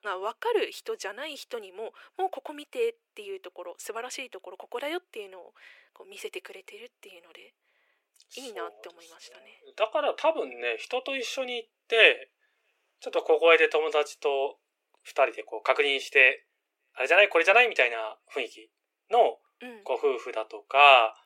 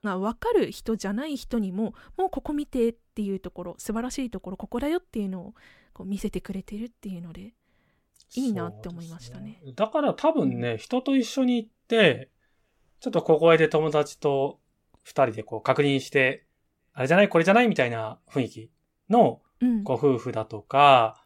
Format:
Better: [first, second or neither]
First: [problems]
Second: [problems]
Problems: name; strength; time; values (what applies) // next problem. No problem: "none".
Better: second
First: thin; very; fading below 400 Hz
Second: none